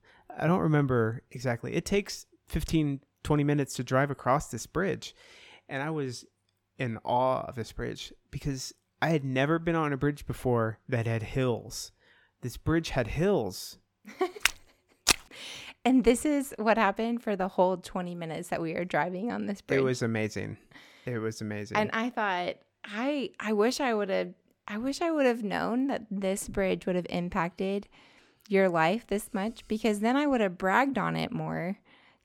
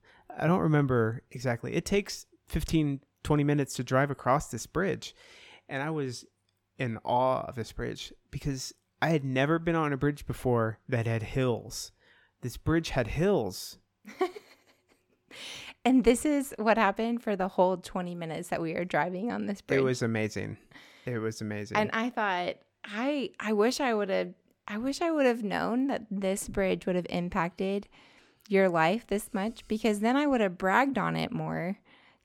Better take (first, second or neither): second